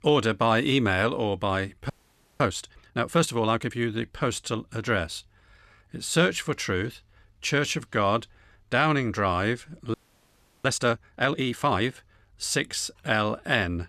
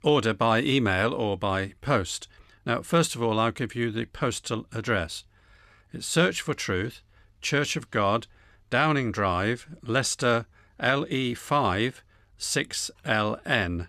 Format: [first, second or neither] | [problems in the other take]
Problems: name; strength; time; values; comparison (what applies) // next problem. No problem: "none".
second | audio freezing; at 2 s for 0.5 s and at 10 s for 0.5 s